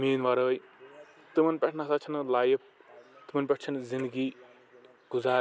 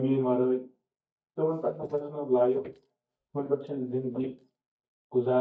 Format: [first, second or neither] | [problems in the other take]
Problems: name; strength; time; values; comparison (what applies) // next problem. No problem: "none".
first | noise reduction (neural mask model DeepFilterNet 3)